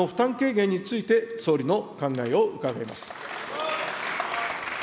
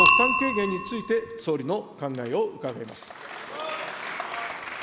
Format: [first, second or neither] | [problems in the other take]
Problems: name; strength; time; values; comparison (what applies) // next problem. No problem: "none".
first | background sound (Bicycle bell); 1 dB above the speech